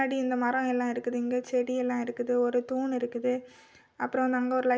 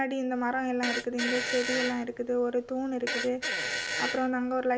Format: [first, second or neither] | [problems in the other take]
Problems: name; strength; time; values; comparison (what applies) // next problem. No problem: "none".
first | background sound (Fart); 5 dB below the speech